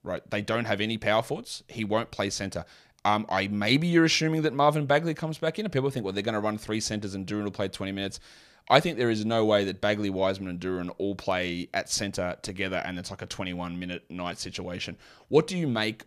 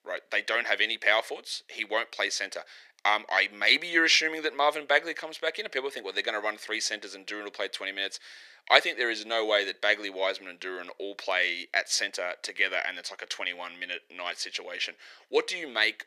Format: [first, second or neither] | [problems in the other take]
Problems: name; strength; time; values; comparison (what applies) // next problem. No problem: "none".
first | thin; very; fading below 400 Hz